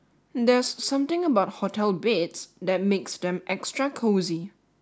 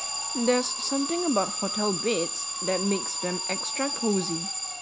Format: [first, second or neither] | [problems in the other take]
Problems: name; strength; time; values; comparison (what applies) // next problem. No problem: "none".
first | background sound (Alarm); 2 dB below the speech